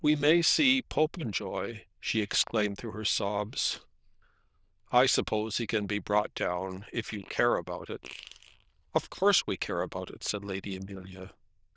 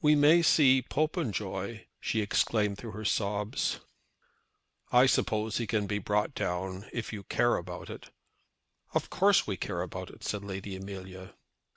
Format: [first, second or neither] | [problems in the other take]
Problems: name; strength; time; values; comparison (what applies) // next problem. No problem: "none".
second | noise reduction (neural diffusion model UNIVERSE++)